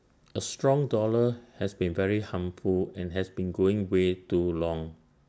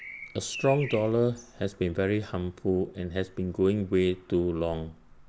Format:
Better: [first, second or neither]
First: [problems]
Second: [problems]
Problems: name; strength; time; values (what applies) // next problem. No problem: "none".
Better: first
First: none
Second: background sound (Bird vocalization, bird call, bird song); 18 dB below the speech